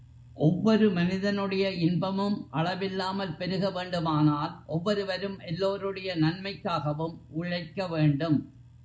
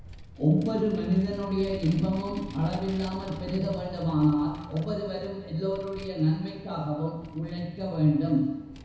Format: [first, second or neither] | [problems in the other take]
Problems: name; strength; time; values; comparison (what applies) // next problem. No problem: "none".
first | background sound (Vehicle); 16 dB below the speech // room echo; dies away in 1 s